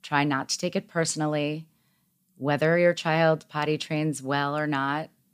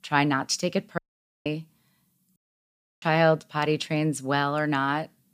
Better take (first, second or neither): first